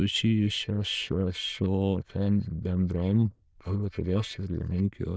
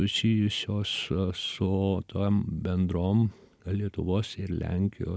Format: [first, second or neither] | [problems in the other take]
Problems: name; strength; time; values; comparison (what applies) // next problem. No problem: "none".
second | noise reduction (neural diffusion model UNIVERSE++)